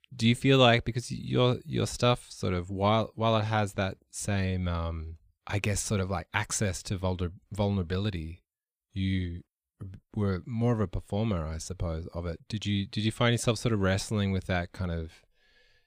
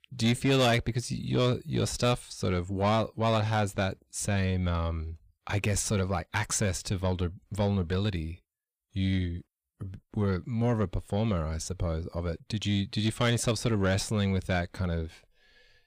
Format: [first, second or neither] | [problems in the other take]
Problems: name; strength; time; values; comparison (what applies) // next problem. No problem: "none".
first | distortion; slight; 10 dB below the speech